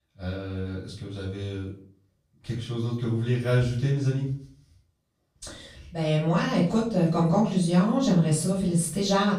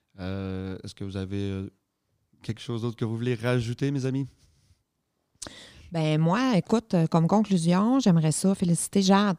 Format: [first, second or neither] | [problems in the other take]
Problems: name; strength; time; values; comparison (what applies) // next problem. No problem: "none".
second | off-mic speech; far // room echo; noticeable; dies away in 0.4 s